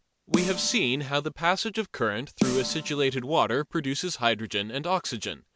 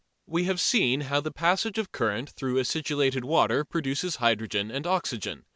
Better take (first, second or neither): second